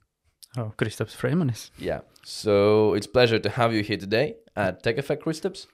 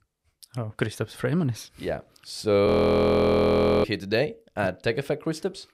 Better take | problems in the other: first | audio freezing; at 2.5 s for 1 s

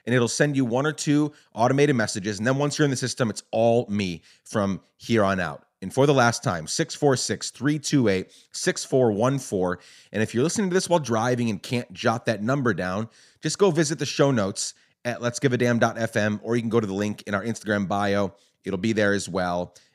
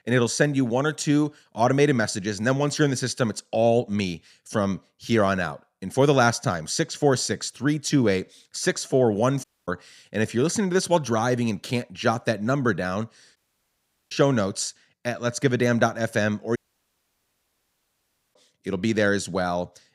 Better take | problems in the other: first | audio cutting out; at 9.5 s, at 13 s for 1 s and at 17 s for 2 s

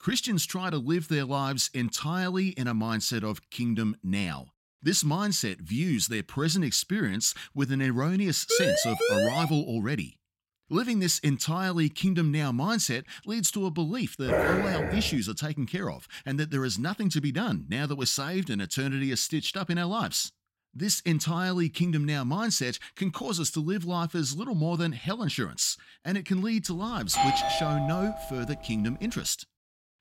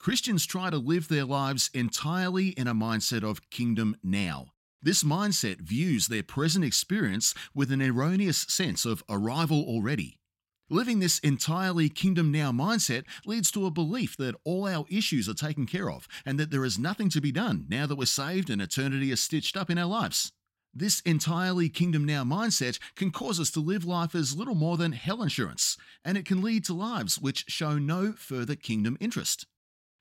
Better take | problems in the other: second | siren; loud; at 8.5 s; peak 3 dB above the speech // dog barking; loud; at 14 s; peak 3 dB above the speech // doorbell; loud; from 27 to 28 s; peak 3 dB above the speech

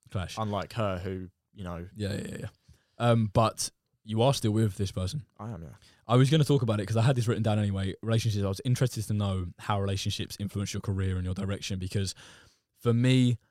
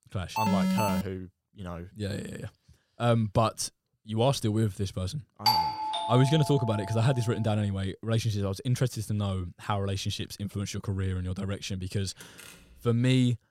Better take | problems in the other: first | alarm; loud; at 0.5 s; peak 3 dB above the speech // doorbell; loud; from 5.5 to 6.5 s; peak 5 dB above the speech // door banging; faint; at 12 s; peak 20 dB below the speech

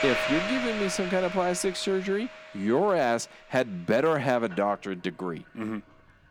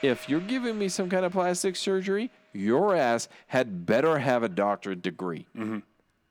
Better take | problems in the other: second | household noises; loud; throughout; 5 dB below the speech; faint in the second

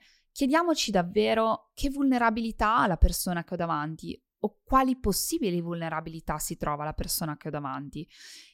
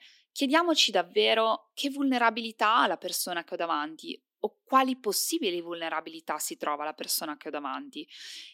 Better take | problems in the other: first | thin; very slightly; fading below 250 Hz

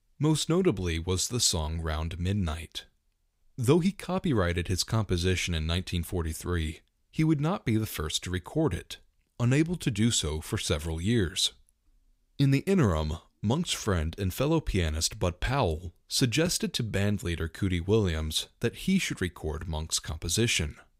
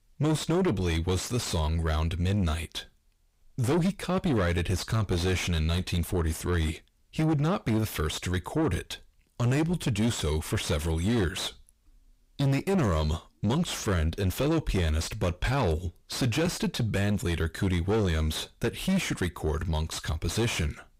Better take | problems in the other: first | distortion; heavy; 6 dB below the speech

